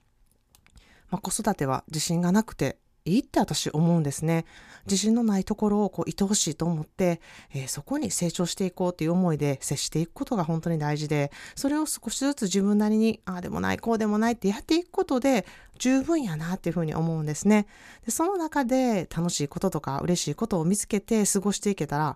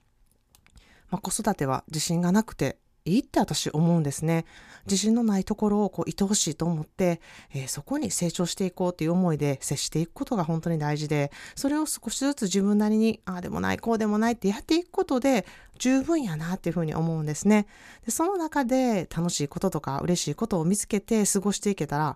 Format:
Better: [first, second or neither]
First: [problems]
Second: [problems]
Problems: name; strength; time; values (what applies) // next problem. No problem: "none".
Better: neither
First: none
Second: none